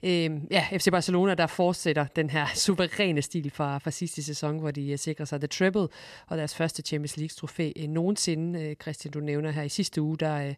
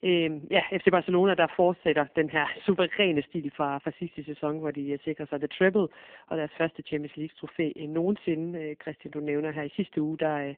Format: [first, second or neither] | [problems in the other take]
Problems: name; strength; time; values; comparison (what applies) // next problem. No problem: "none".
first | phone-call audio; poor line